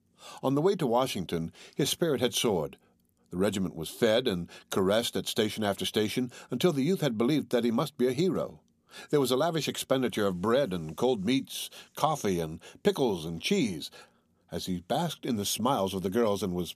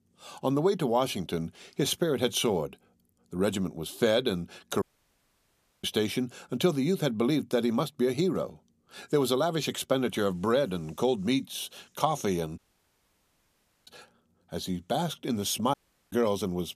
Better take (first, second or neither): first